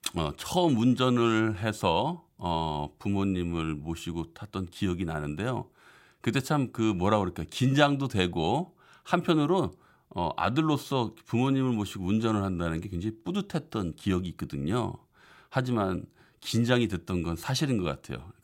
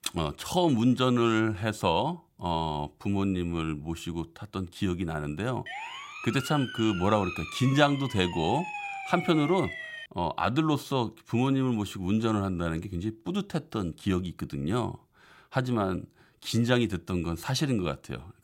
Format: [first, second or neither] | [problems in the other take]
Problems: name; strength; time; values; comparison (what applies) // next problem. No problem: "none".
first | siren; noticeable; from 5.5 to 10 s; peak 6 dB below the speech